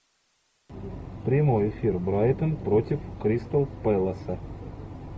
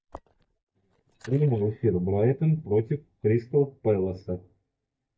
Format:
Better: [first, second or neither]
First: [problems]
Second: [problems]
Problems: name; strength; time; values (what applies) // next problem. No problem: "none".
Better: first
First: none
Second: noise reduction (neural mask model DeepFilterNet 3)